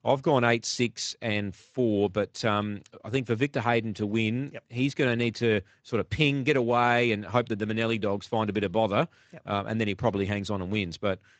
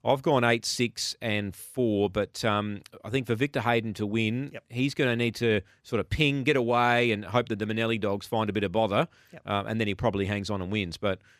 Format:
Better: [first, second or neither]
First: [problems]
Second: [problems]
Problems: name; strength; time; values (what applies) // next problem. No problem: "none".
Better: second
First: garbled, watery; slightly; nothing above 7.5 kHz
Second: none